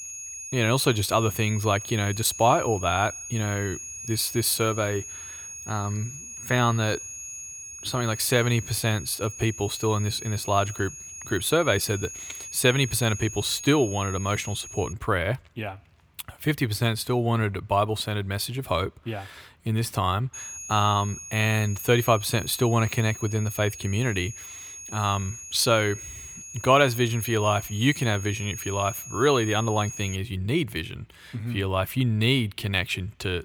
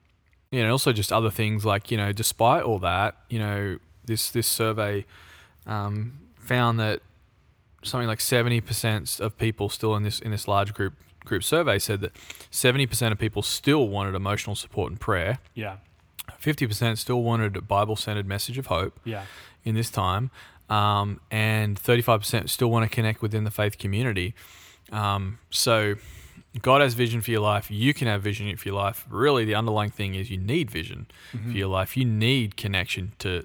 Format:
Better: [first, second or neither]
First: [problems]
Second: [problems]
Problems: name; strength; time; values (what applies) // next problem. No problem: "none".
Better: second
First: high-pitched whine; noticeable; until 15 s and from 20 to 30 s; 6.5 kHz, 10 dB below the speech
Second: none